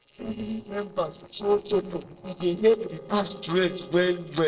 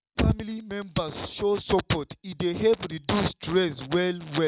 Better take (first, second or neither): second